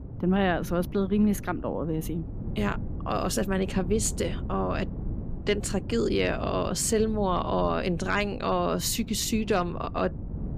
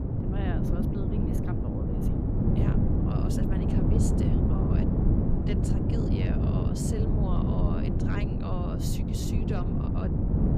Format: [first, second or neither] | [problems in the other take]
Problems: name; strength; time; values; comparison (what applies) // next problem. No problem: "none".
first | wind noise on the microphone; heavy; 5 dB above the speech; occasional gusts in the first